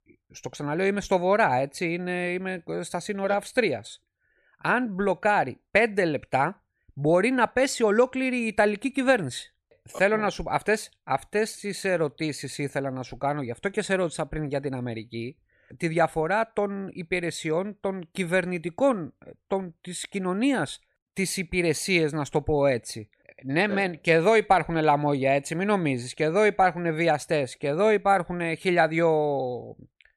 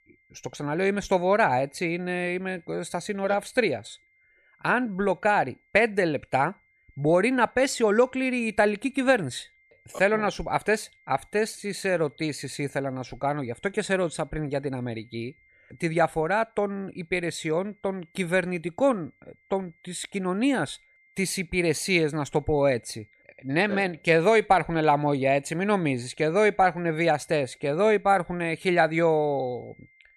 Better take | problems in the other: first | high-pitched whine; faint; throughout; 2 kHz, 35 dB below the speech

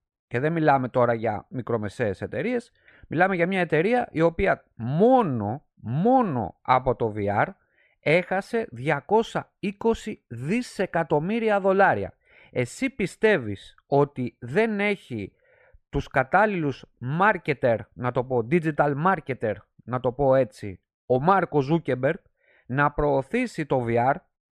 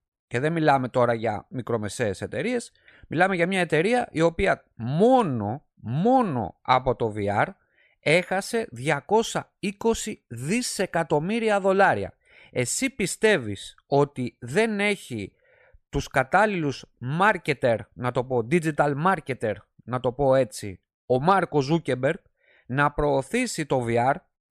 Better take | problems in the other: second | muffled; slightly; fading above 4 kHz

